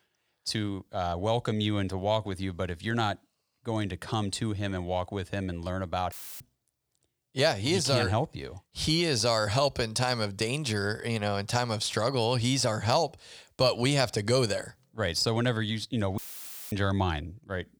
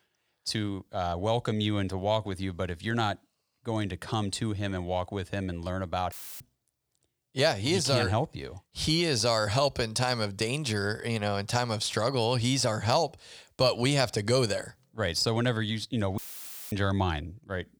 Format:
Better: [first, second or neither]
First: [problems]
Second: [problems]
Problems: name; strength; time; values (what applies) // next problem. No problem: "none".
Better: neither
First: audio cutting out; filled with static; at 6 s and at 16 s for 0.5 s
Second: audio cutting out; filled with static; at 6 s and at 16 s for 0.5 s